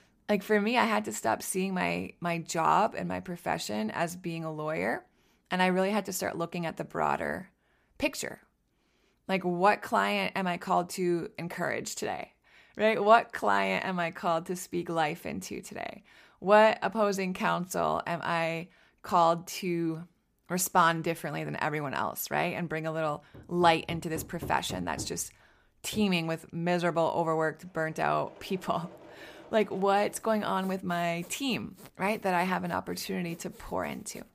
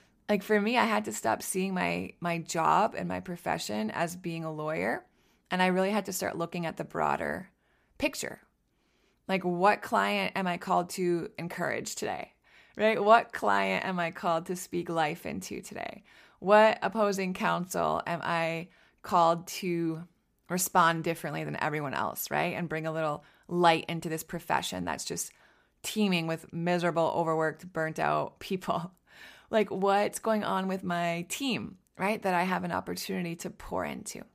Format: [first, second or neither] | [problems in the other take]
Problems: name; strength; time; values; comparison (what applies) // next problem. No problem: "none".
second | machinery noise; noticeable; from 24 s on; 20 dB below the speech